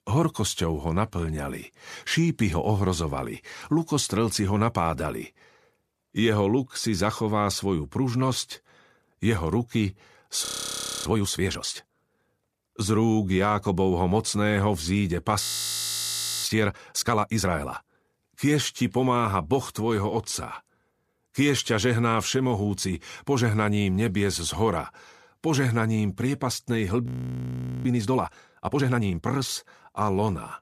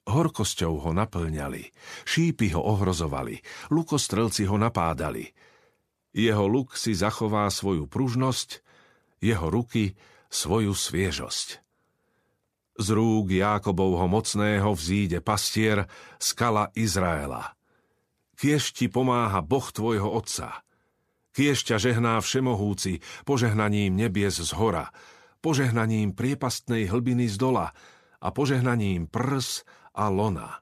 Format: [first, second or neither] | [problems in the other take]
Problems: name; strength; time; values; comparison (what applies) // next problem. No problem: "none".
second | audio freezing; at 10 s for 0.5 s, at 15 s for 1 s and at 27 s for 1 s